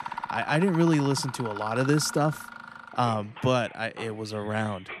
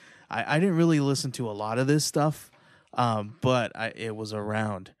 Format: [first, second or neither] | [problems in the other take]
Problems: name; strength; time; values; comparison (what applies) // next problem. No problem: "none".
second | machinery noise; noticeable; throughout; 10 dB below the speech